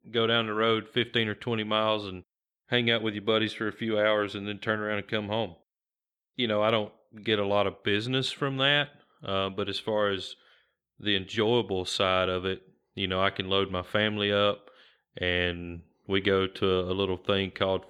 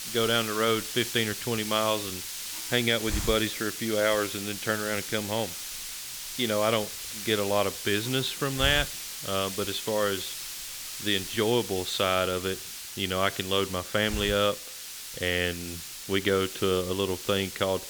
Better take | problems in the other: first | hiss; loud; throughout; 7 dB below the speech

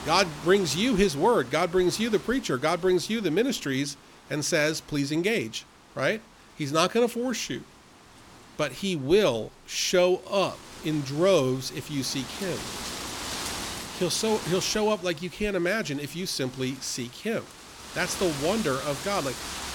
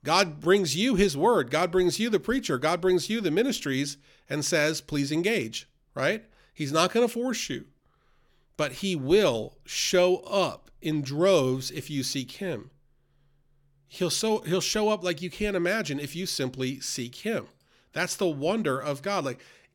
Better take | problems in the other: second | wind noise on the microphone; occasional gusts; 10 dB below the speech

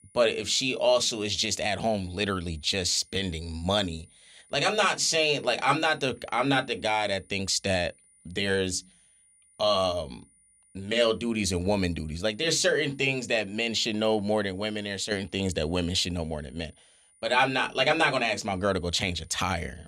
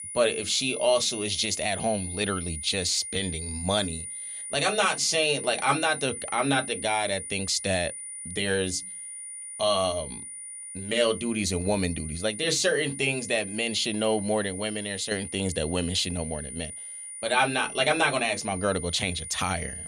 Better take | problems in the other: first | high-pitched whine; loud; throughout; 9.5 kHz, 9 dB below the speech; faint in the first

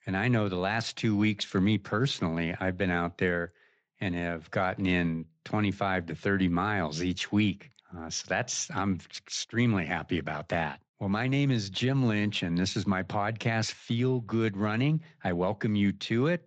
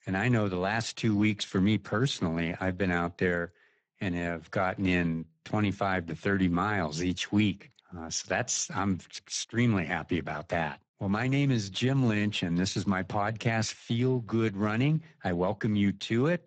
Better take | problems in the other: first | garbled, watery; badly; nothing above 7.5 kHz; slightly in the first

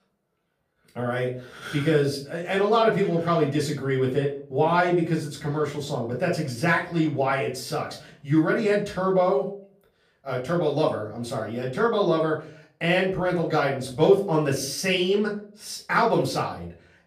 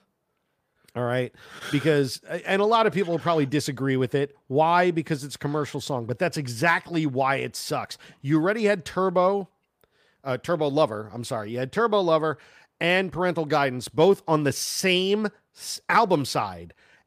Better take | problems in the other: second | room echo; slight; dies away in 0.4 s // off-mic speech; far

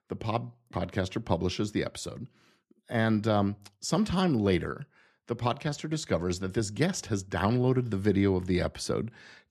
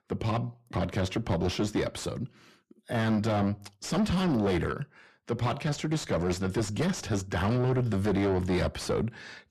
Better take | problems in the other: first | distortion; heavy; 6 dB below the speech

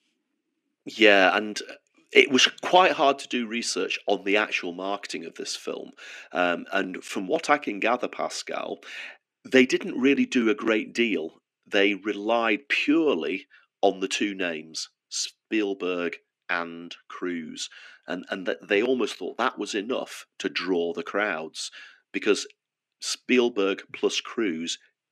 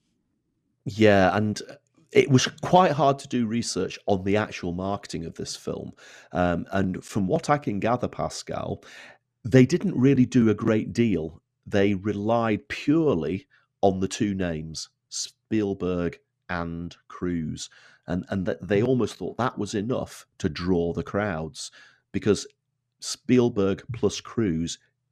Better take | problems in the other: second | thin; very slightly; fading below 300 Hz

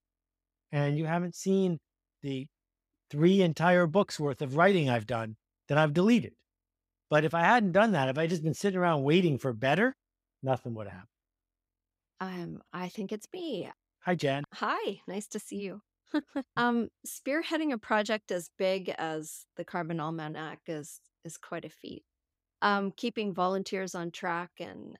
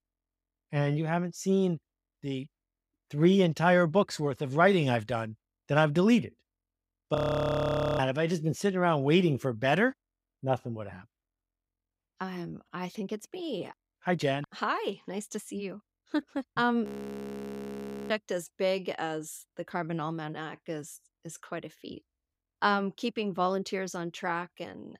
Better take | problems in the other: first | audio freezing; at 7 s for 1 s and at 17 s for 1.5 s

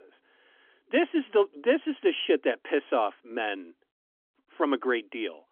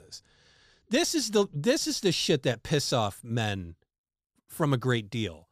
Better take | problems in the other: second | phone-call audio; nothing above 3.5 kHz

